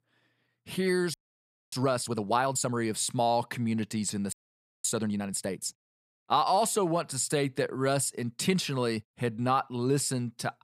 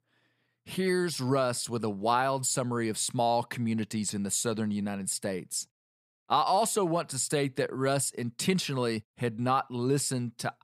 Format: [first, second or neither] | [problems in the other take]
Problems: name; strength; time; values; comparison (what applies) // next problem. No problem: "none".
second | audio freezing; at 1 s for 0.5 s and at 4.5 s for 0.5 s